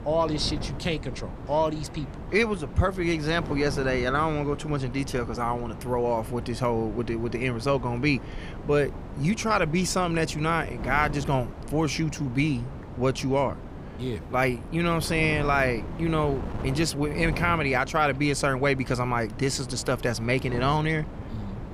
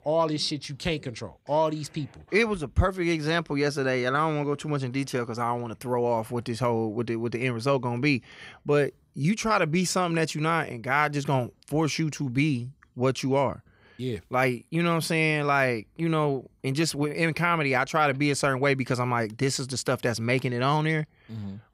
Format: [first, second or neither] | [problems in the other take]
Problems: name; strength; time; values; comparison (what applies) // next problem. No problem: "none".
second | wind noise on the microphone; occasional gusts; 15 dB below the speech